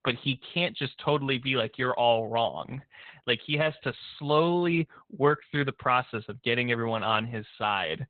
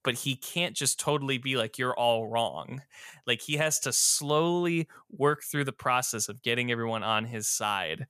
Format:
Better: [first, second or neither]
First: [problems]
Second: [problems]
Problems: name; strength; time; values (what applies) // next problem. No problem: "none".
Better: second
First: garbled, watery; badly; nothing above 4 kHz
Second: none